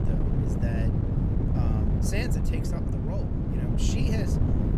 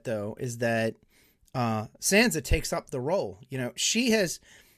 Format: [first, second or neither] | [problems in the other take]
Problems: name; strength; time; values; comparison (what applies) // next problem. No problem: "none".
second | wind noise on the microphone; heavy; 3 dB above the speech